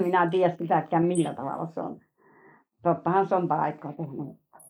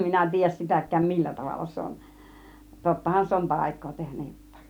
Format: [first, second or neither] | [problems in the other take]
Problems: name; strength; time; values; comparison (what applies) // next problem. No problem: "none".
second | noise reduction (neural mask model Resemble Enhance denoiser)